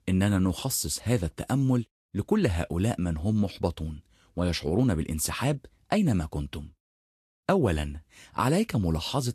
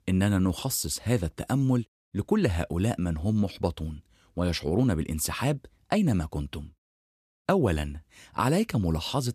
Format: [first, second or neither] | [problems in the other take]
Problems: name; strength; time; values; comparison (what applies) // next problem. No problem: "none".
second | garbled, watery; slightly; nothing above 13 kHz